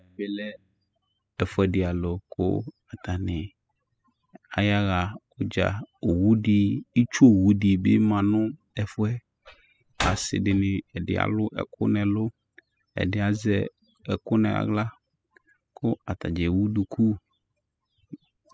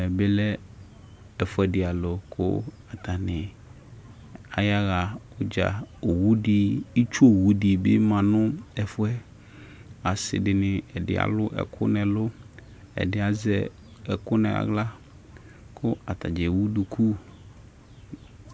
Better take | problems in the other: second | noise reduction (classical method spectral subtraction)

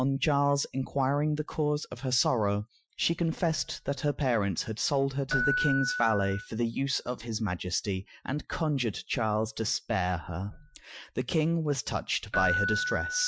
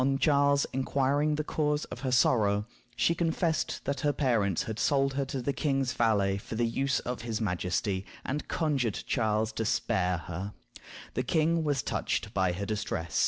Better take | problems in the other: second | noise reduction (classical method Wiener filter)

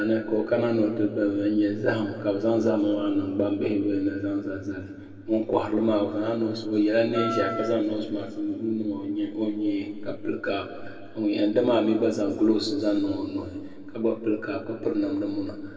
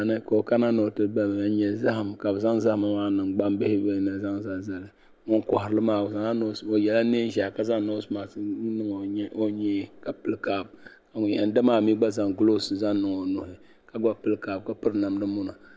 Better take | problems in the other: second | background sound (Wind instrument, woodwind instrument); 8 dB below the speech // room echo; dies away in 1.9 s

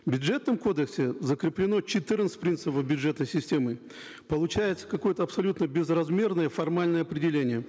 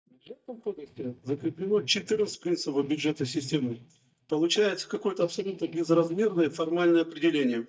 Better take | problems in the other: first | noise reduction (neural mask model DeepFilterNet 3)

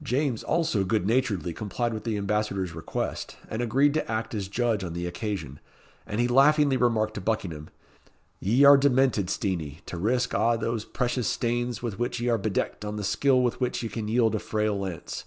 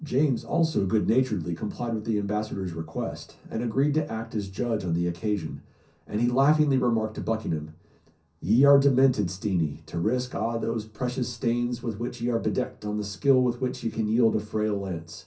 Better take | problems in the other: first | room echo; dies away in 0.3 s

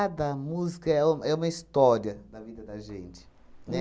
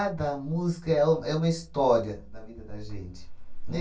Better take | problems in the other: first | room echo; dies away in 0.2 s

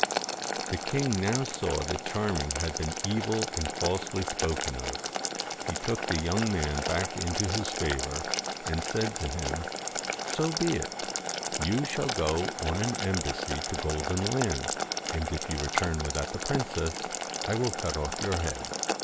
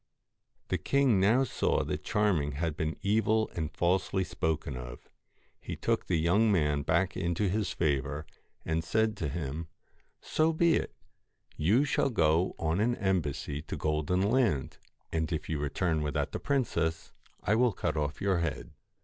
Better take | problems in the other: second | background sound (Boiling); 1 dB below the speech

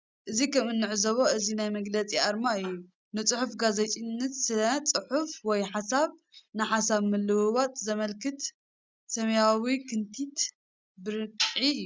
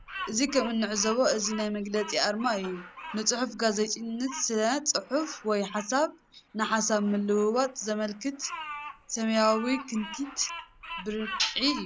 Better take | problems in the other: first | background sound (Bird vocalization, bird call, bird song); 14 dB below the speech

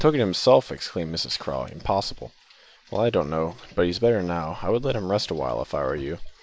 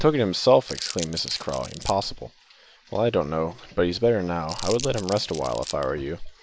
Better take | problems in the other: first | background sound (Crumpling, crinkling); 12 dB below the speech

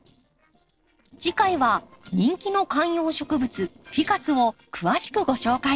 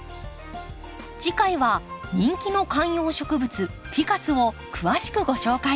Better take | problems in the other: second | noise reduction (neural separator model SepFormer DNS4)

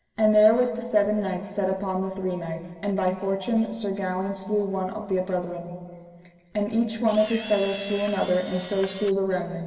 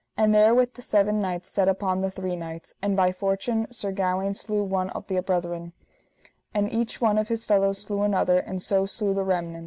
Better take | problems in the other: second | background sound (Camera); 14 dB below the speech // room echo; dies away in 2 s

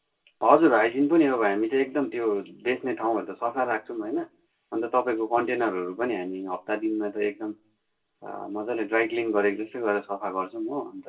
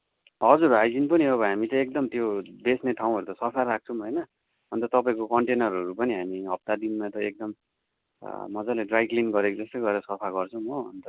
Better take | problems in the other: second | room echo; dies away in 0.2 s

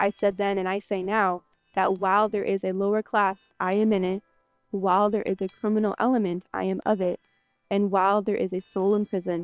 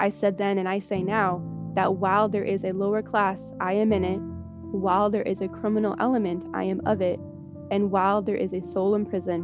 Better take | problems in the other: second | noise reduction (neural separator model SepFormer WHAM!)

